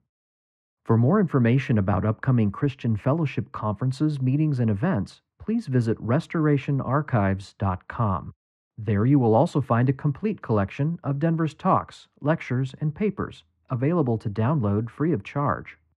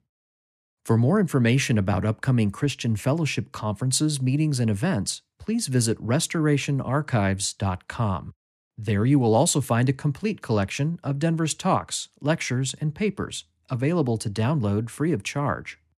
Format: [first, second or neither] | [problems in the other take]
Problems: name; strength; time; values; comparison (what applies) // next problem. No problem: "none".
second | muffled; very; fading above 4 kHz